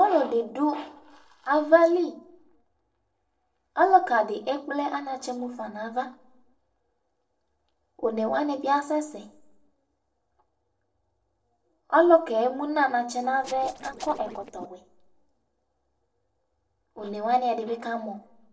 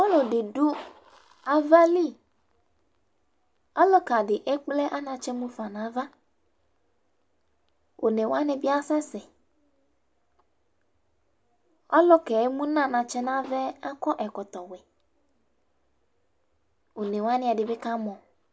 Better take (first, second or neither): second